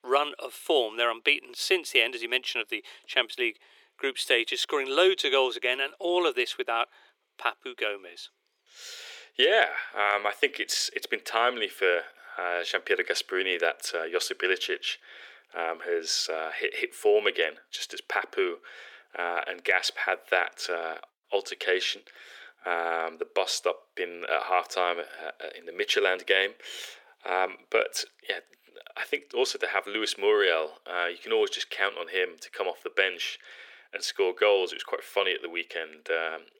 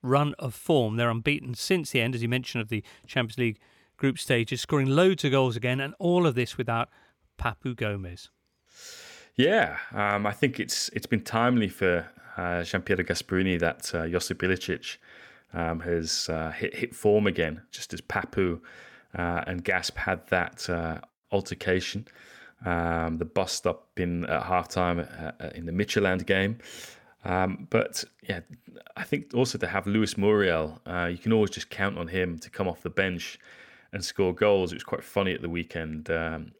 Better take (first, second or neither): second